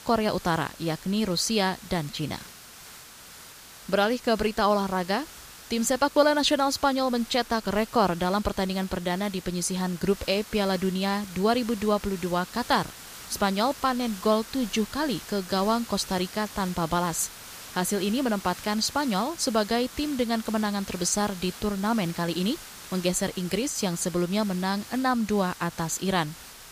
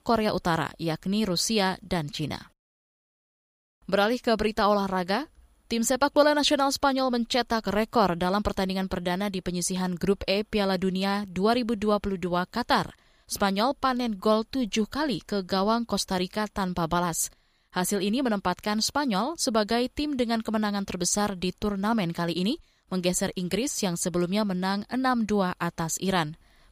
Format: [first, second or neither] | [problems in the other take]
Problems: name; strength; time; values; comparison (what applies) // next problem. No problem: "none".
second | hiss; noticeable; throughout; 15 dB below the speech